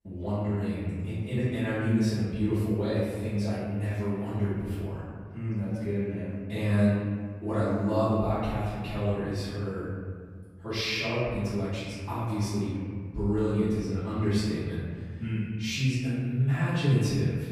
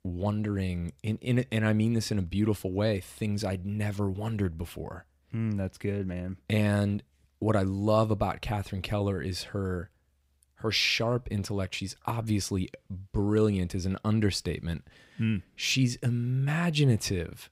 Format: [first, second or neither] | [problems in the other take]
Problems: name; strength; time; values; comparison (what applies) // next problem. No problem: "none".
second | off-mic speech; far // room echo; strong; dies away in 1.8 s